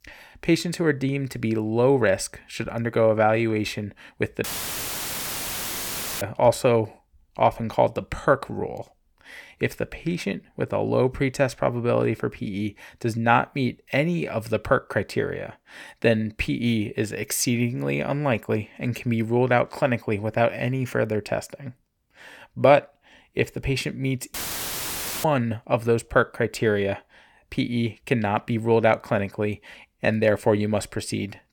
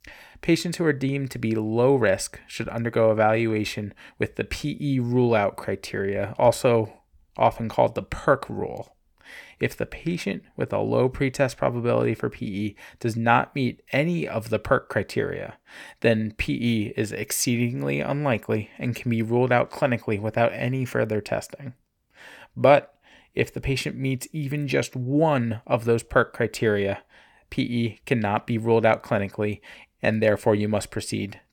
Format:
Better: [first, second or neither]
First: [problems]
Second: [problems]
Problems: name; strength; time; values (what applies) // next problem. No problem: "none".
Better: second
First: audio cutting out; filled with static; at 4.5 s for 2 s and at 24 s for 1 s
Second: none